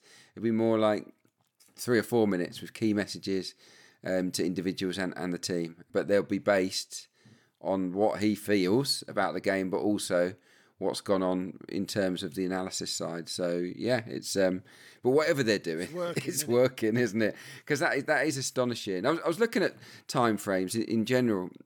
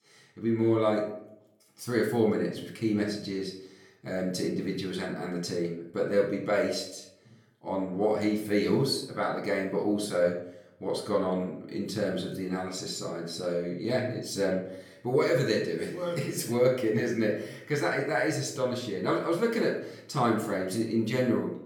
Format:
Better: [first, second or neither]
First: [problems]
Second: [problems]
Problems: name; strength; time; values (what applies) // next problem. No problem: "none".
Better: first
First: none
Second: off-mic speech; far // room echo; slight; dies away in 0.5 s